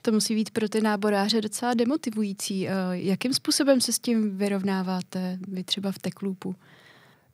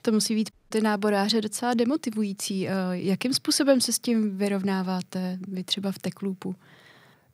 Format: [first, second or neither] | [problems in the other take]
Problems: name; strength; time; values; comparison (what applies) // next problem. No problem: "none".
first | audio cutting out; at 0.5 s